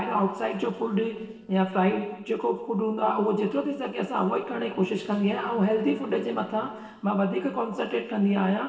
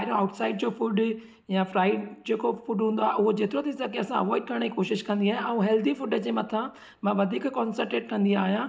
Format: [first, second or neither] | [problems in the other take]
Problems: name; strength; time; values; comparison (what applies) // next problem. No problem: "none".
second | noise reduction (neural separator model SepFormer DNS4)